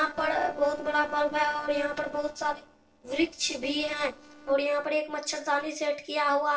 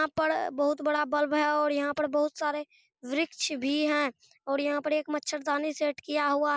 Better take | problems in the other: second | noise reduction (neural separator model SepFormer DNS4)

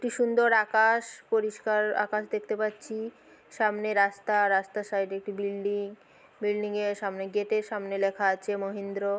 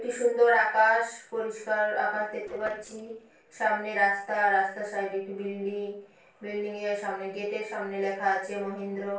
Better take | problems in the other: first | noise reduction (neural separator model SepFormer DNS4)

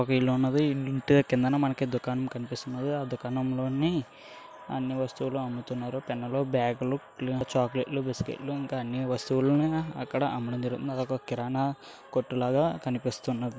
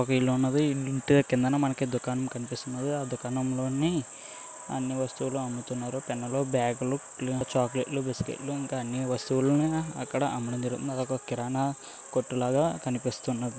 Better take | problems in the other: first | background sound (Cricket); 16 dB below the speech

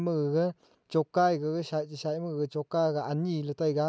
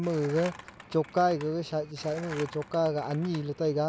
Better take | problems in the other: first | background sound (Skateboard); 17 dB below the speech

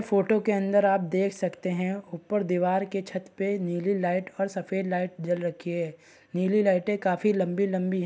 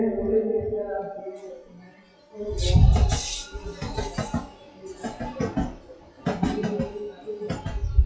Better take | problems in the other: first | noise reduction (classical method WPE with log-MMSE)

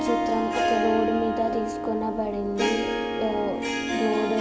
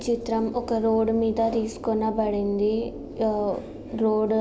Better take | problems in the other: second | background sound (Harp); 1 dB above the speech

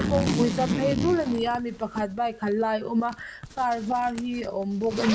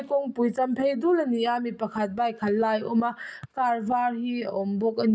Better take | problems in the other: second | background sound (Zipper (clothing)); 5 dB below the speech

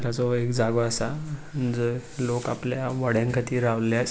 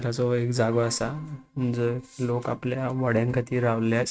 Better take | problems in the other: first | noise reduction (neural mask model RNNoise)

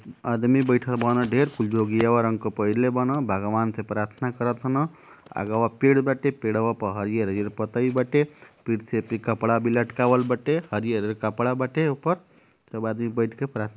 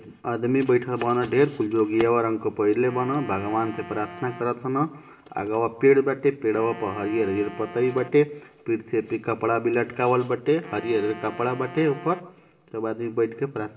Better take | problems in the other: first | background sound (Wind instrument, woodwind instrument); 18 dB below the speech // room echo; dies away in 0.8 s

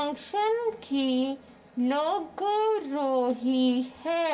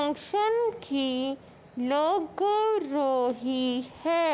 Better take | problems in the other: second | room echo; dies away in 0.2 s

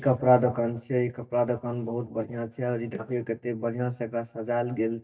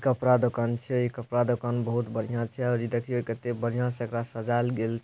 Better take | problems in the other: second | noise reduction (neural mask model DeepFilterNet 3)

